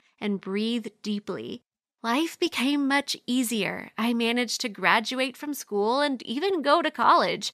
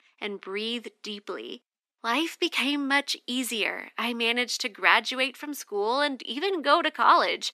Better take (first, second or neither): first